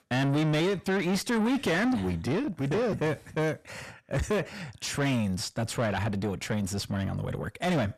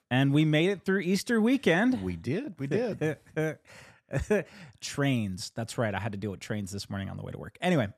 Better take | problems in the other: second | distortion; heavy; 6 dB below the speech

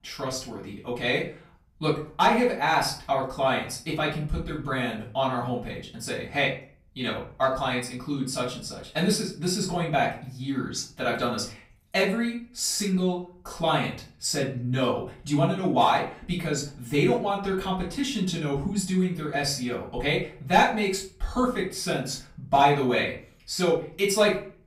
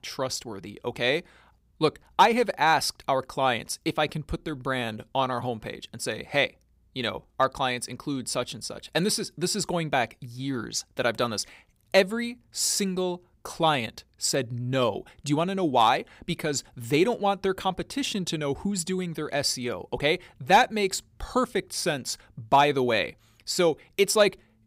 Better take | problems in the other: second | off-mic speech; far // room echo; slight; dies away in 0.4 s

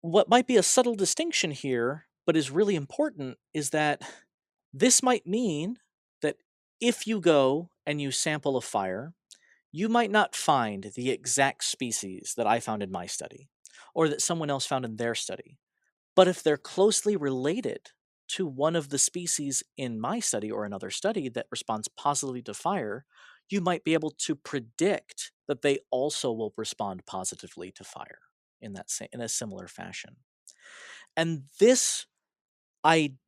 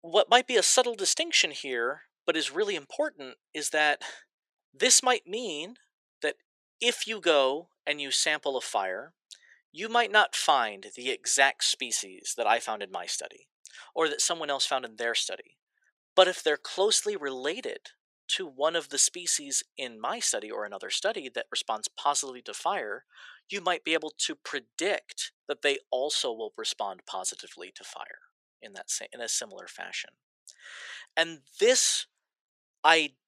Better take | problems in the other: first | thin; somewhat; fading below 550 Hz

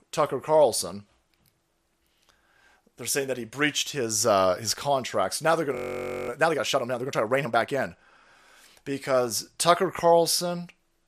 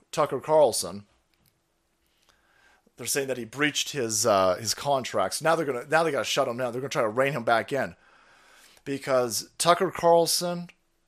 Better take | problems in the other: second | audio freezing; at 6 s for 0.5 s

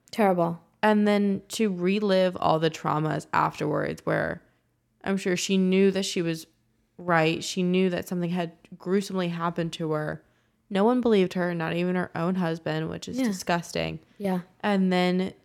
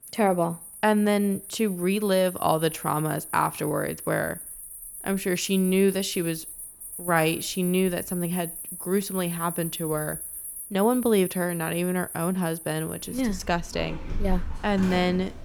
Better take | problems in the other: first | animal sounds; loud; throughout; 10 dB below the speech

